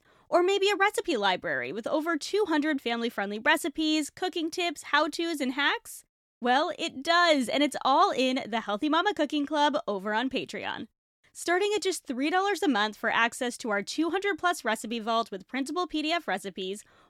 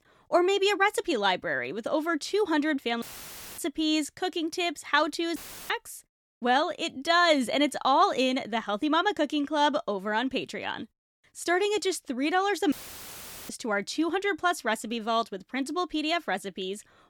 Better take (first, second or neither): first